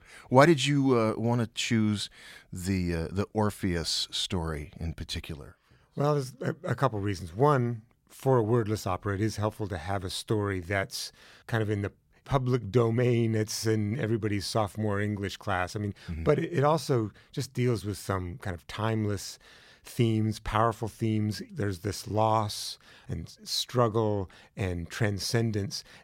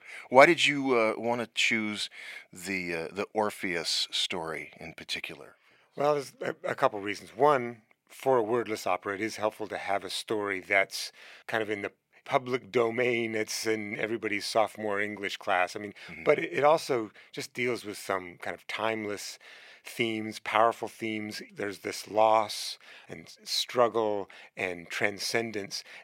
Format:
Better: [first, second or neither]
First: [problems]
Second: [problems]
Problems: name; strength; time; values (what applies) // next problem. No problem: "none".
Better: first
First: none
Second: thin; somewhat; fading below 300 Hz